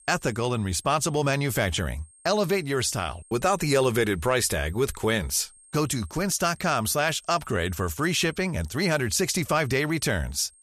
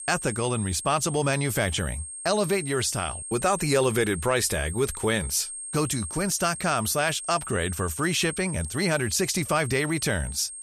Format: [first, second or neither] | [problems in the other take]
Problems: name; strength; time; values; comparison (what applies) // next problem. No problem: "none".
first | high-pitched whine; loud; throughout; 8.5 kHz, 9 dB below the speech; faint in the first